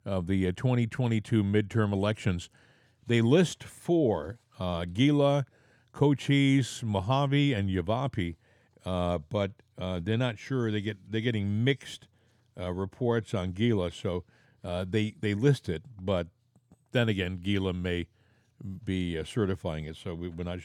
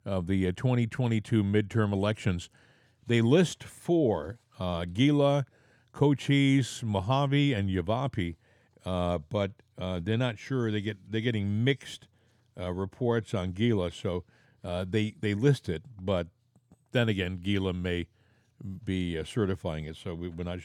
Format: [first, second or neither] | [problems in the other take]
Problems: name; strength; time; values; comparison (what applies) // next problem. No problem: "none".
neither | none